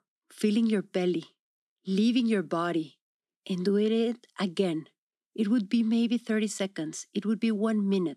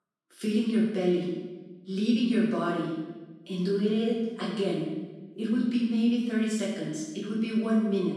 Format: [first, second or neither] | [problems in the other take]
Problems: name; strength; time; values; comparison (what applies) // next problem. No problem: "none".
first | off-mic speech; far // room echo; noticeable; dies away in 1.1 s